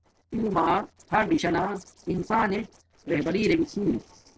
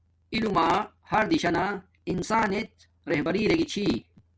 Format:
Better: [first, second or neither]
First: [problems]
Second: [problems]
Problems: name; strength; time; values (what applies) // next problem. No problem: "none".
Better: second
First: noise reduction (neural separator model SepFormer DNS4)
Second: none